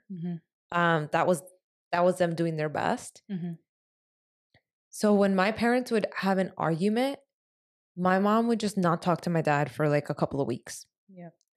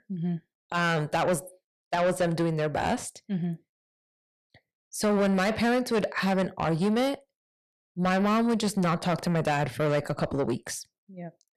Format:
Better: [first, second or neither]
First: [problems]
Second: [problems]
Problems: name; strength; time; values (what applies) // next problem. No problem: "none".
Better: first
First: none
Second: distortion; heavy; 7 dB below the speech